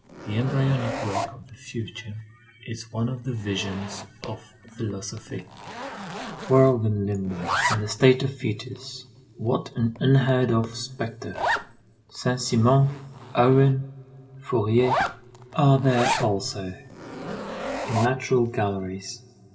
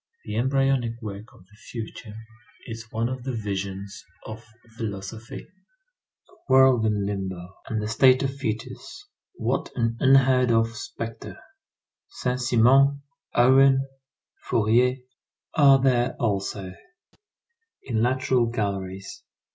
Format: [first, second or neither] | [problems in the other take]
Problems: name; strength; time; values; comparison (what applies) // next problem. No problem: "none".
second | background sound (Zipper (clothing)); 9 dB below the speech // room echo; dies away in 1.4 s